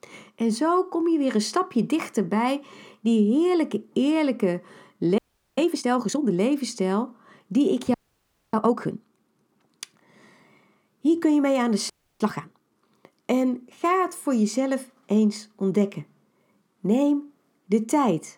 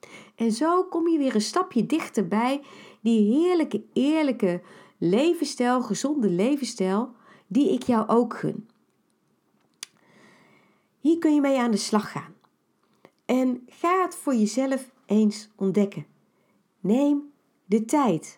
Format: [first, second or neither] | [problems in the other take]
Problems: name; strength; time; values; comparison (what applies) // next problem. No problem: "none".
second | audio freezing; at 5 s, at 8 s for 0.5 s and at 12 s